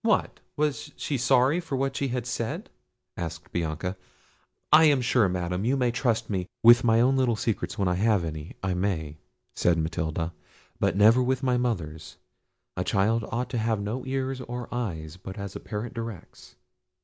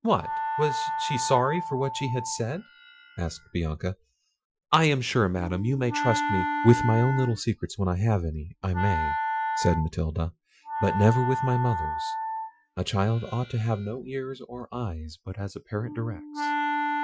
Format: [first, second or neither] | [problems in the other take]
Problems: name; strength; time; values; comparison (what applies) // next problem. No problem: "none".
first | noise reduction (classical method Wiener filter)